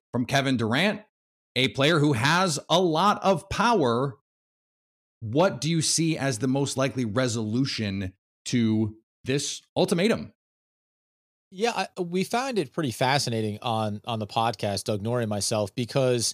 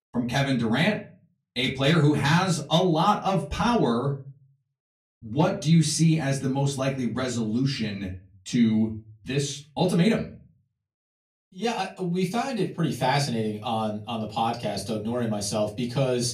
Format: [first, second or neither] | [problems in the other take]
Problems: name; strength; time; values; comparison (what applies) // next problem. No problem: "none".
first | off-mic speech; far // room echo; very slight; dies away in 0.3 s